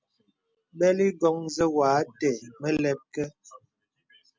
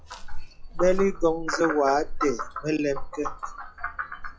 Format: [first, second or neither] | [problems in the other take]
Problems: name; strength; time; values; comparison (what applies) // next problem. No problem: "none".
first | noise reduction (classical method log-MMSE)